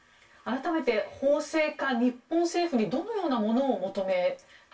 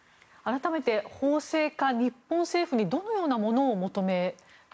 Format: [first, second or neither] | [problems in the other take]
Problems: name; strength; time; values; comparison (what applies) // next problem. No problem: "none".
second | room echo; dies away in 0.2 s